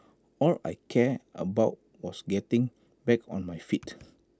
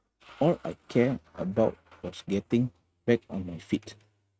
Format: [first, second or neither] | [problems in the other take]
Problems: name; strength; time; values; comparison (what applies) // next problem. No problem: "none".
first | noise reduction (neural mask model RNNoise)